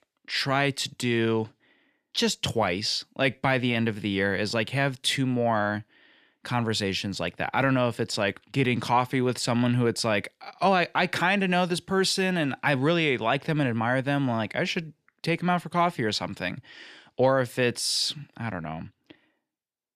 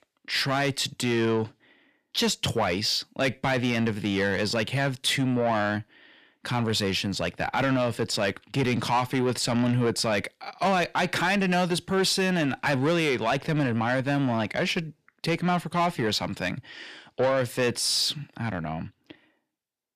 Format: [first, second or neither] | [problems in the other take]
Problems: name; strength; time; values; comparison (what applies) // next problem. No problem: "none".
first | distortion; slight; 10 dB below the speech